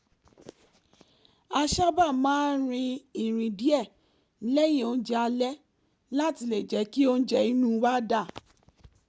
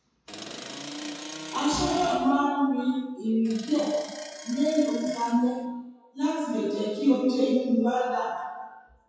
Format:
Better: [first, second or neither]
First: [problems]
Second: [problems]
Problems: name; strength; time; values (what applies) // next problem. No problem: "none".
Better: first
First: none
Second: noise reduction (classical method WPE with log-MMSE)